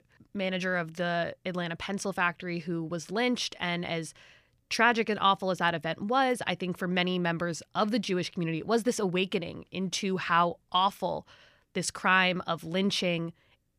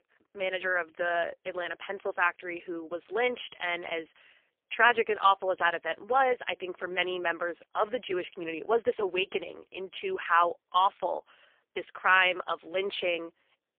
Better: first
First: none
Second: phone-call audio; poor line; nothing above 3.5 kHz

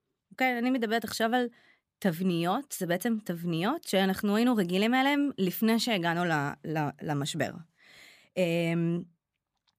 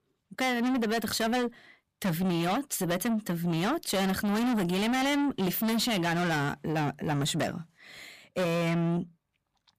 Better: first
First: none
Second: distortion; heavy; 6 dB below the speech

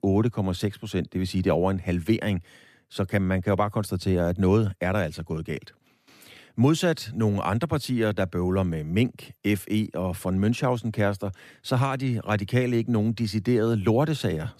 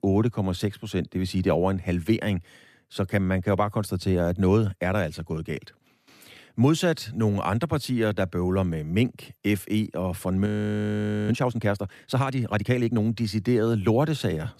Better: first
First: none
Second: audio freezing; at 10 s for 1 s

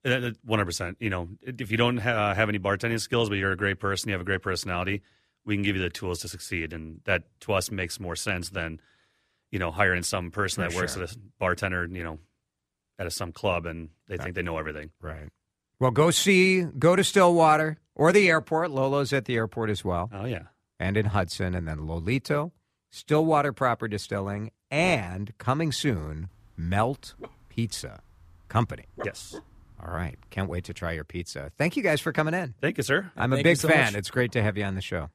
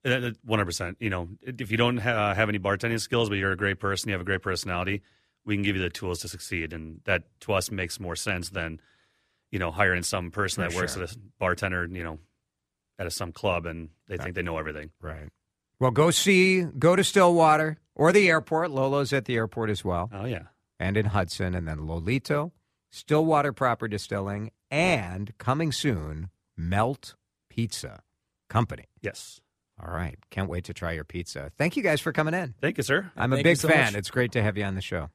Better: second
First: dog barking; faint; from 27 to 29 s; peak 15 dB below the speech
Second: none

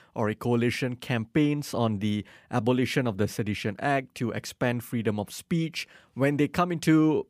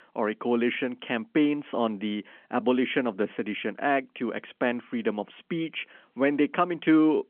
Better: first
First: none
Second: phone-call audio; nothing above 3.5 kHz

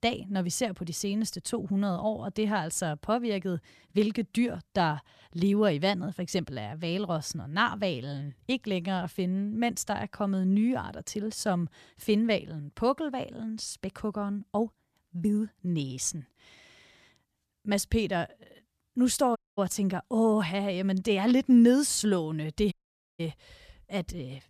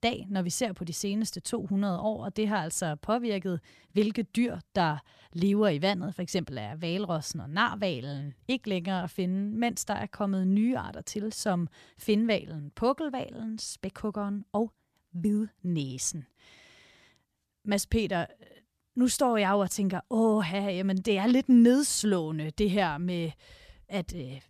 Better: second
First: audio cutting out; at 19 s and at 23 s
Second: none

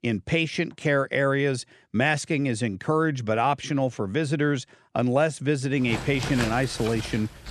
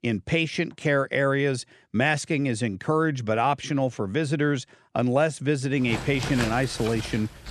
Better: neither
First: household noises; loud; from 6 s on; 9 dB below the speech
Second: household noises; loud; from 6 s on; 9 dB below the speech

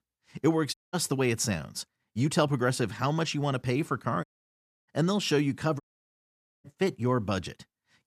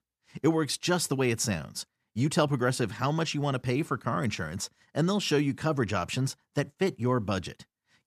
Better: second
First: audio cutting out; at 0.5 s, at 4 s for 0.5 s and at 6 s for 1 s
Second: none

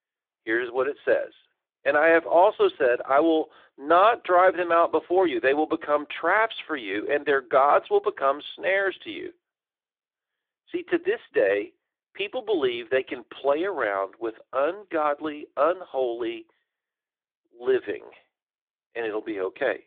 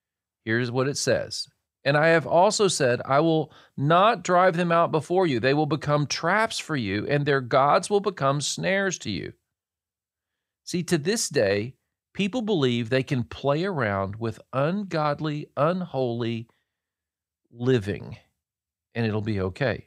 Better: second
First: phone-call audio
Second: none

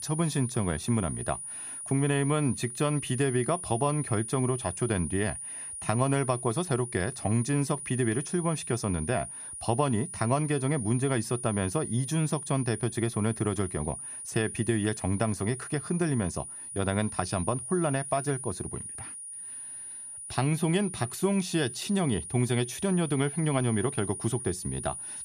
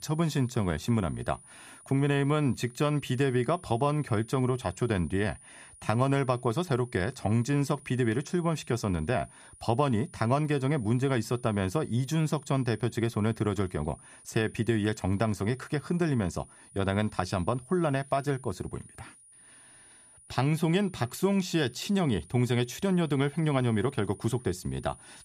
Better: second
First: high-pitched whine; loud; throughout; 9.5 kHz, 8 dB below the speech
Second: high-pitched whine; faint; throughout; 9.5 kHz, 25 dB below the speech

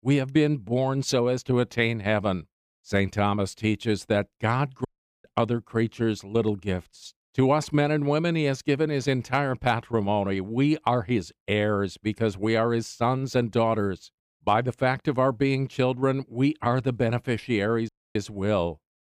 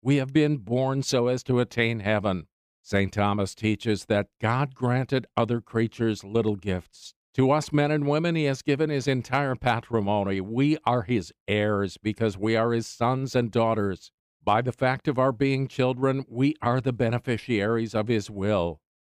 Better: second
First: audio cutting out; at 5 s and at 18 s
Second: none

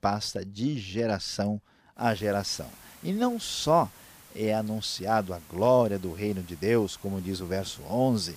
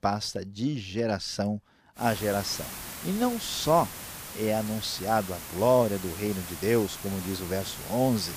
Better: first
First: hiss; faint; from 2 s on; 20 dB below the speech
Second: hiss; loud; from 2 s on; 9 dB below the speech

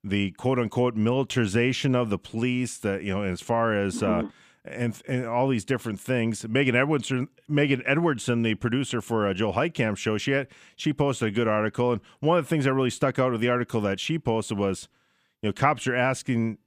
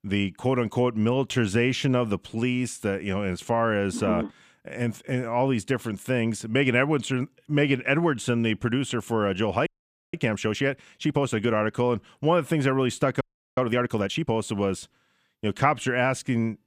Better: first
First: none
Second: audio freezing; at 9.5 s and at 13 s

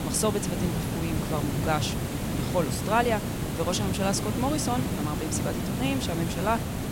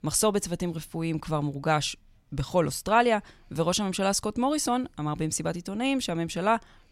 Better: second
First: hiss; loud; throughout; 1 dB below the speech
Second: none

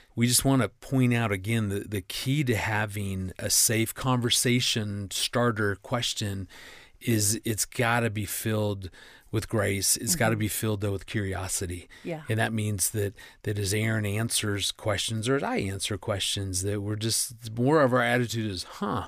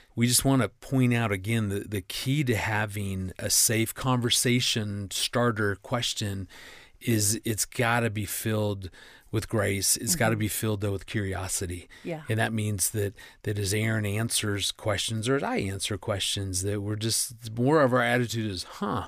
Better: neither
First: none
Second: none

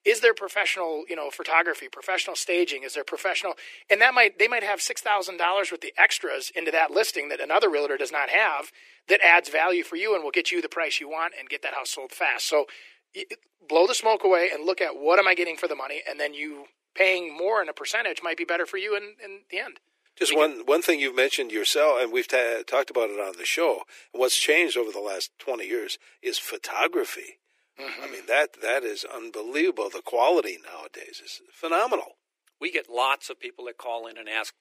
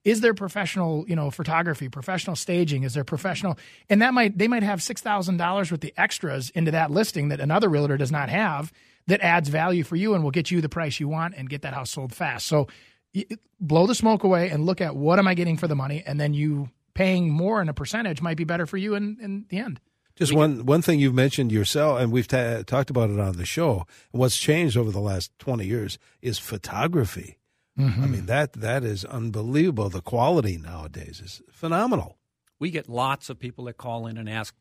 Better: second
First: thin; very; fading below 350 Hz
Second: none

